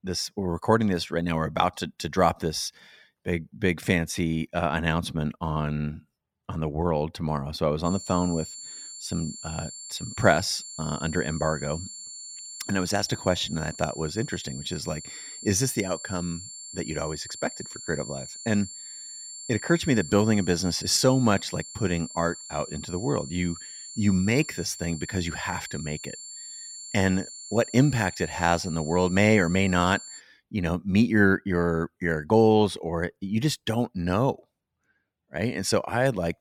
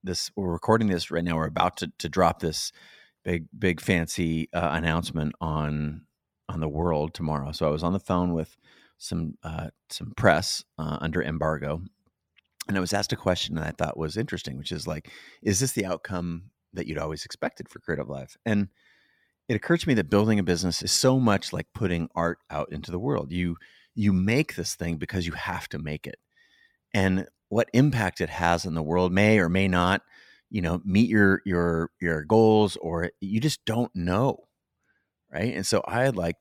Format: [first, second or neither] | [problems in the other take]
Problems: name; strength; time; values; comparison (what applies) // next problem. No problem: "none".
second | high-pitched whine; noticeable; from 8 to 30 s; 7.5 kHz, 10 dB below the speech